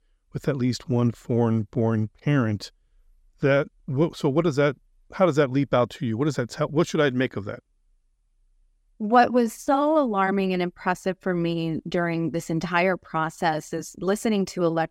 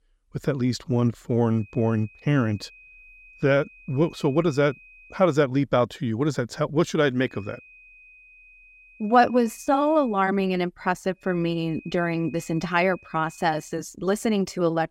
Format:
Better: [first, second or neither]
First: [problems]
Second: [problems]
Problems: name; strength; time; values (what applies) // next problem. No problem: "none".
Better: first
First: none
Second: high-pitched whine; faint; from 1.5 to 5.5 s, from 7.5 to 10 s and from 11 to 14 s; 2.5 kHz, 25 dB below the speech